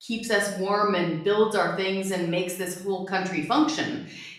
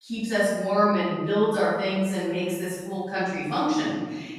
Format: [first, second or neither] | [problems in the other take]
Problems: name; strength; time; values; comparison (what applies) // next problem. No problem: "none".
first | room echo; strong; dies away in 1.4 s; slight in the first // off-mic speech; far; far in the first